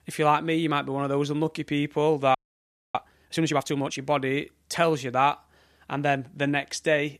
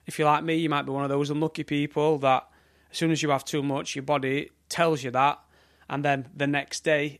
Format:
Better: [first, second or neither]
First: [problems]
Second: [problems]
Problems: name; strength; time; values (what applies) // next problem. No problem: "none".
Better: second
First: audio freezing; at 2.5 s for 0.5 s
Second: none